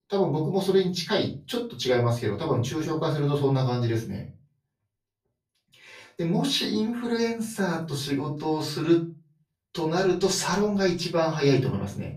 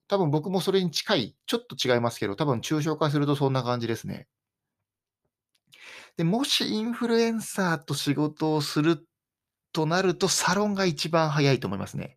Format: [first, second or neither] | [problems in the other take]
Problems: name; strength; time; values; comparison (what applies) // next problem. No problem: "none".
second | off-mic speech; far // room echo; slight; dies away in 0.4 s